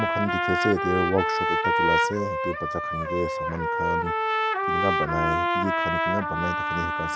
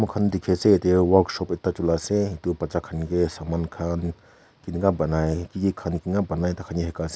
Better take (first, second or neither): second